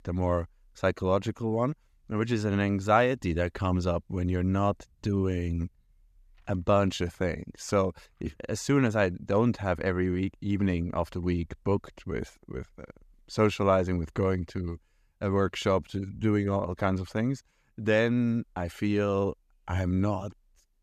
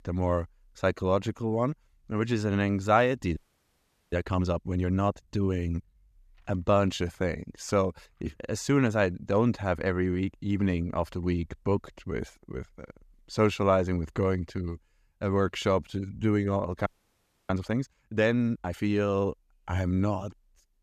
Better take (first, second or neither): first